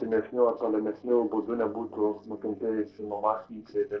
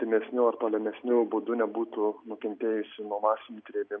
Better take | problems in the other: second | noise reduction (neural separator model SepFormer DNS4)

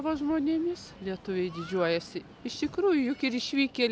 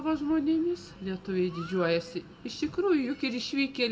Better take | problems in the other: first | room echo; dies away in 0.6 s

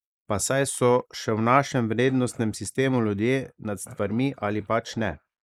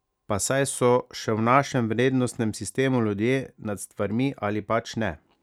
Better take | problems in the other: second | noise reduction (neural mask model Resemble Enhance denoiser)

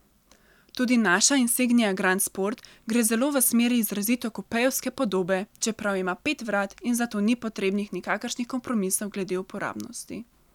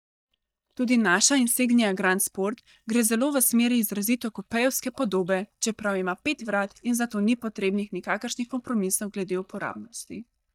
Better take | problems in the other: first | noise reduction (neural mask model DeepFilterNet 3)

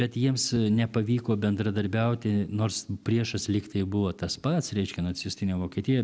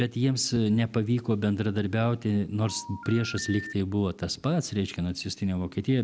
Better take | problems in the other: first | background sound (Telephone); 14 dB below the speech

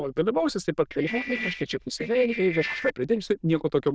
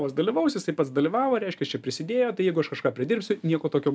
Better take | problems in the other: second | noise reduction (neural diffusion model UNIVERSE++)

